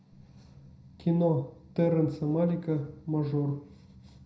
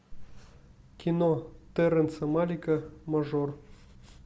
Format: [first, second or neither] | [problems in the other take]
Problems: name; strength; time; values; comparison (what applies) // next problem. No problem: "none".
second | room echo; dies away in 0.5 s